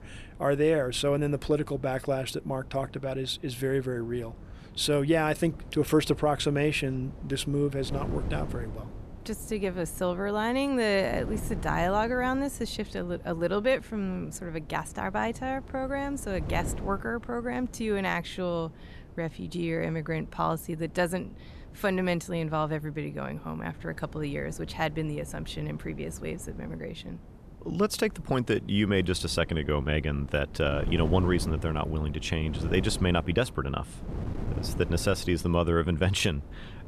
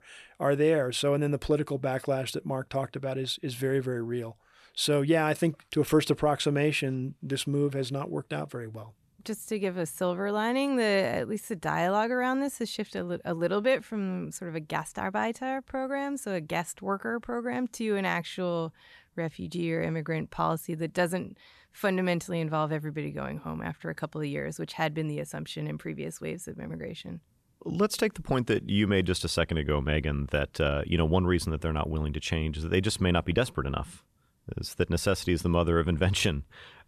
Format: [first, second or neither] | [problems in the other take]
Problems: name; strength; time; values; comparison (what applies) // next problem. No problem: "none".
second | wind noise on the microphone; occasional gusts; 20 dB below the speech